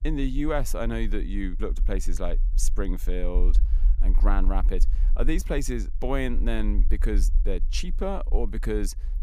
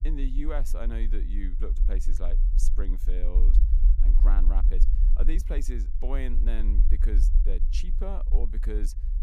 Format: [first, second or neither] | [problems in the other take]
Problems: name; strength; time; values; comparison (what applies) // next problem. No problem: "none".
first | low rumble; loud; throughout; 9 dB below the speech; faint in the first